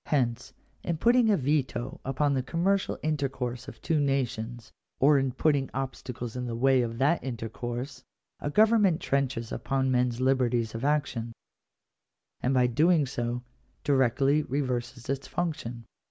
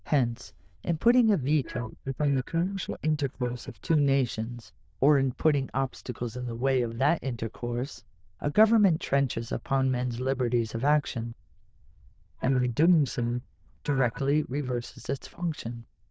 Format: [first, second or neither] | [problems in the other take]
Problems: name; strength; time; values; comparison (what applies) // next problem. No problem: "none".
first | noise reduction (neural diffusion model UNIVERSE++)